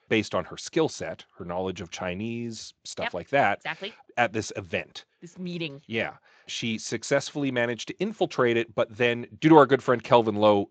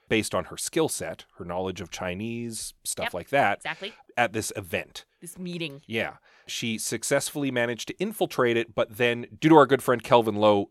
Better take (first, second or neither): second